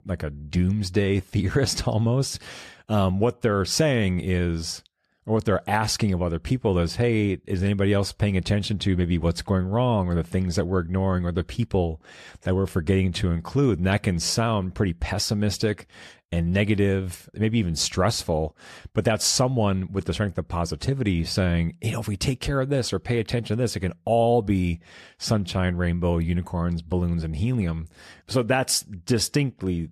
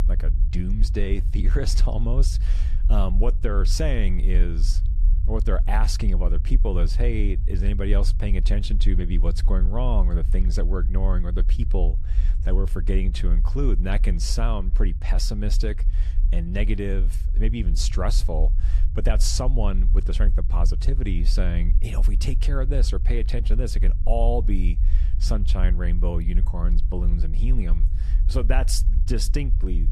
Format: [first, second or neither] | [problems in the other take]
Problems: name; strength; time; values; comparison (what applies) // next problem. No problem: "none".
first | low rumble; noticeable; throughout; 15 dB below the speech